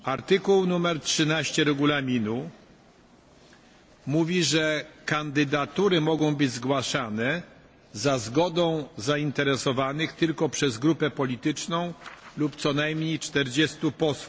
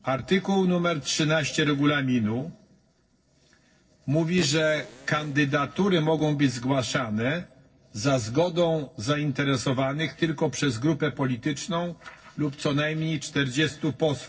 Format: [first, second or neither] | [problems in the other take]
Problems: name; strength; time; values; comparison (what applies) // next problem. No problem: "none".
first | noise reduction (neural separator model SepFormer DNS4)